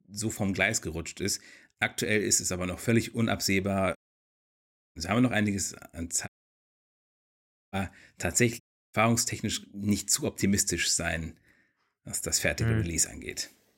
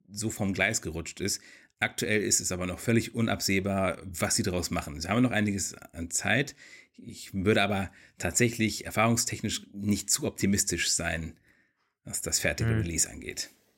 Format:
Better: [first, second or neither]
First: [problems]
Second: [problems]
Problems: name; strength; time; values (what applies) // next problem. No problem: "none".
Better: second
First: audio cutting out; at 4 s for 1 s, at 6.5 s for 1.5 s and at 8.5 s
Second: none